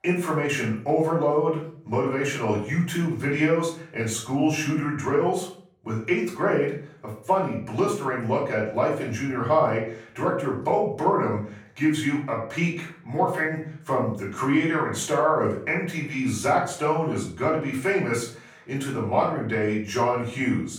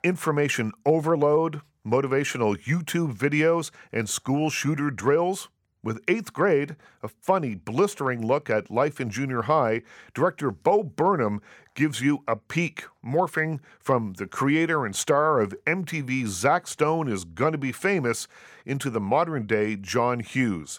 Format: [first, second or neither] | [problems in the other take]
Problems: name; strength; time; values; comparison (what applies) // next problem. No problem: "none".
second | off-mic speech; far // room echo; noticeable; dies away in 0.4 s